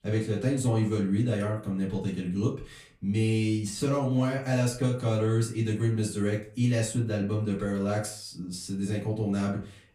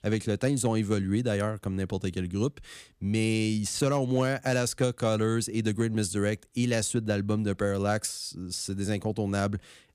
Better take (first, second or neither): second